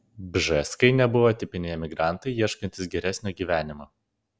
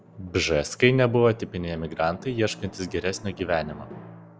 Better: first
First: none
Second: background sound (Drum); 19 dB below the speech

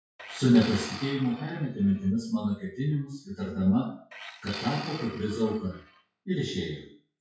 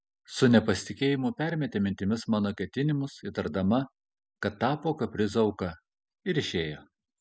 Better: second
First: noise reduction (classical method WPE with log-MMSE)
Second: none

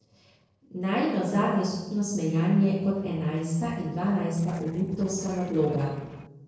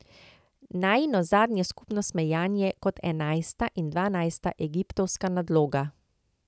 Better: second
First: noise reduction (neural separator model SepFormer DNS4)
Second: none

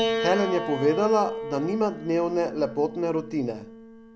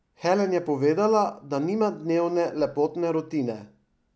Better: second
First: background sound (Piano); 6 dB below the speech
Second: none

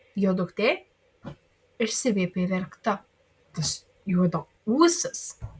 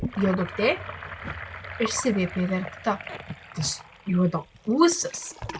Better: first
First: none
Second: background sound (Sink (filling or washing) / Gurgling); 11 dB below the speech

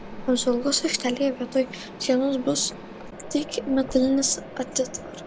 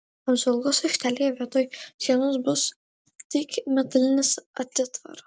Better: second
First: background sound (Mechanisms); 13 dB below the speech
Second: none

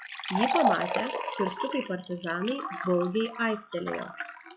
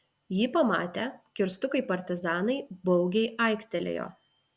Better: second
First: noise reduction (classical method log-MMSE)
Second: none

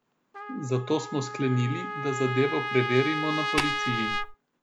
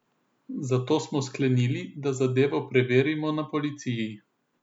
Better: second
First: background sound (Tap + Trumpet); 4 dB below the speech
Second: none

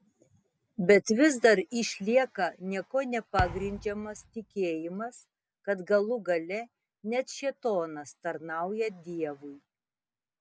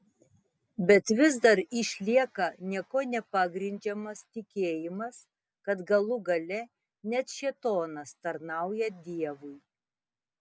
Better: second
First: background sound (Thump, thud); 10 dB below the speech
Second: none

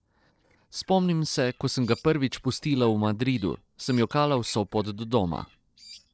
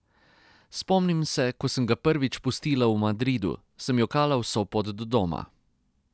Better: second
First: noise reduction (neural separator model SepFormer DNS4)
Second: none

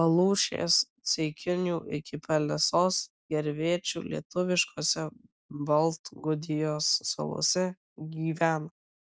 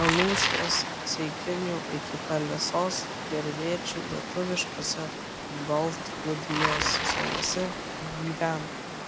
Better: first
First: none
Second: background sound (Water + Bicycle); 1 dB below the speech

